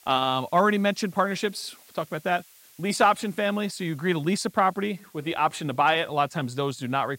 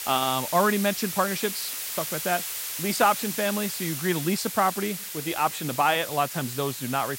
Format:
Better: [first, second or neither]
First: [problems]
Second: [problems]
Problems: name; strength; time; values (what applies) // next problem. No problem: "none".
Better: first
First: hiss; faint; throughout; 25 dB below the speech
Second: hiss; loud; throughout; 5 dB below the speech